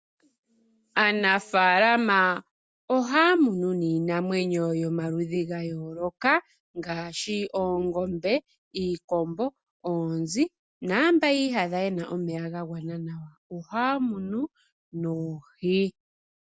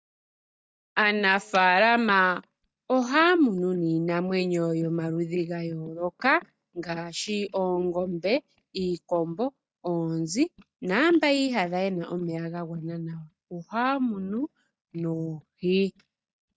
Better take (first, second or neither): first